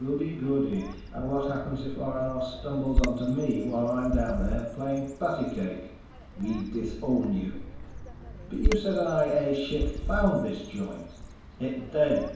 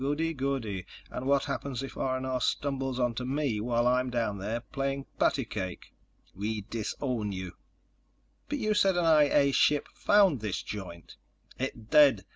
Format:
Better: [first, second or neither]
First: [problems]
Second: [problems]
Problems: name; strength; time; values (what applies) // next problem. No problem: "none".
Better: second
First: background sound (Bird vocalization, bird call, bird song); 5 dB below the speech // room echo; dies away in 1 s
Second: none